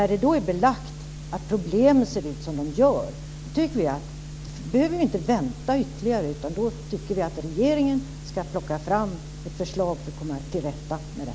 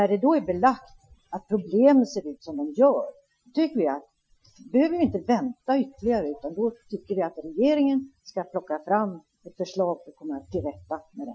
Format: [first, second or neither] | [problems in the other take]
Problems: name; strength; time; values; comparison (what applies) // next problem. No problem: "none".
first | noise reduction (classical method Wiener filter)